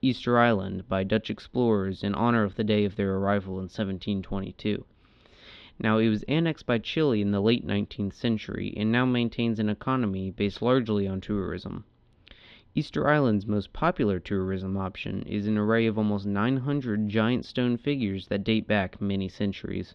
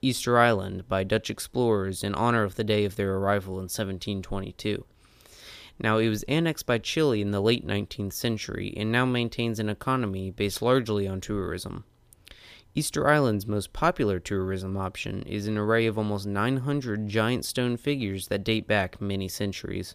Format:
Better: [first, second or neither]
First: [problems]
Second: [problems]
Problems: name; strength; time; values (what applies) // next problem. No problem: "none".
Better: second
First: muffled; slightly; fading above 3.5 kHz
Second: none